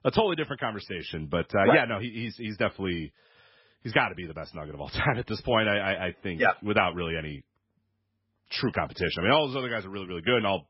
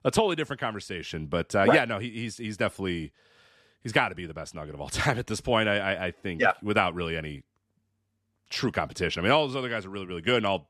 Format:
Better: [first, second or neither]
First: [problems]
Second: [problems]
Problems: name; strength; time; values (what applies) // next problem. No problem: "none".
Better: second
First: garbled, watery; badly; nothing above 5.5 kHz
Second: none